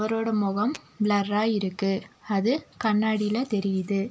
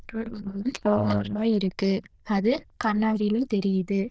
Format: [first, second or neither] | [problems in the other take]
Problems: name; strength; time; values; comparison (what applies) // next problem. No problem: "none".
first | noise reduction (neural diffusion model UNIVERSE++)